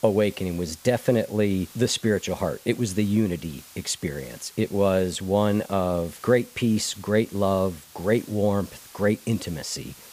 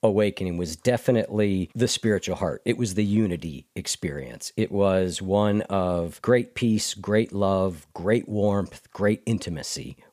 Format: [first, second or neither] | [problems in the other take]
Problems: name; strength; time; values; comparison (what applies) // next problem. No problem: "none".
second | hiss; faint; throughout; 20 dB below the speech